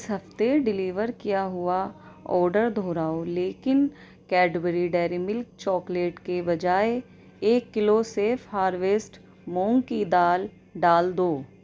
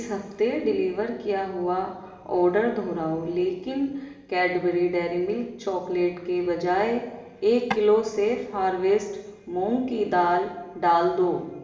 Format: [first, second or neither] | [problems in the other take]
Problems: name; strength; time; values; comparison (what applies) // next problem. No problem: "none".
first | background sound (Tap / Wood); 8 dB below the speech // room echo; dies away in 1.1 s